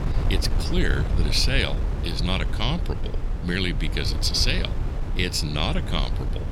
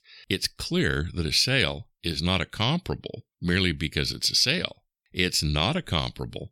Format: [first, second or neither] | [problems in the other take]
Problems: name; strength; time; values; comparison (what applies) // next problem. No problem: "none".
second | wind noise on the microphone; occasional gusts; 10 dB below the speech